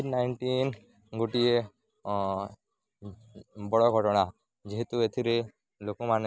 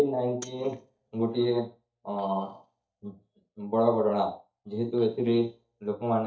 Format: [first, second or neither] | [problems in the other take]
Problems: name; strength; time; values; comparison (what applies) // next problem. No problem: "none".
first | noise reduction (neural mask model DeepFilterNet 3)